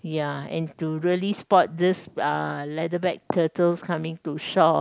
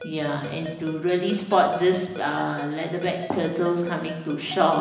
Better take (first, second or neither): first